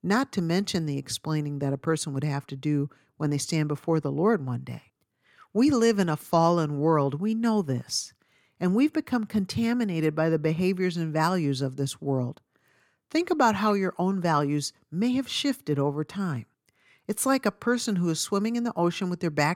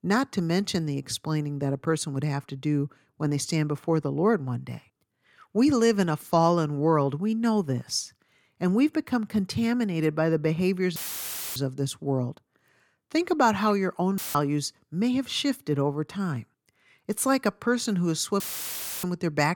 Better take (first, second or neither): first